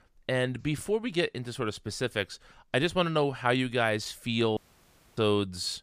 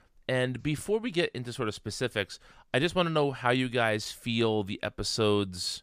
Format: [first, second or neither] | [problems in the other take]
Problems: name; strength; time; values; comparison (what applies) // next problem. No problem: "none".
second | audio cutting out; at 4.5 s for 0.5 s